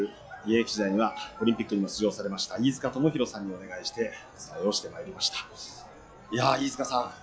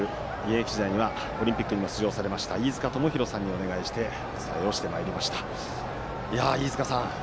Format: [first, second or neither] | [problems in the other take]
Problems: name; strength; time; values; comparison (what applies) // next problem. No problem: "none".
second | noise reduction (classical method log-MMSE)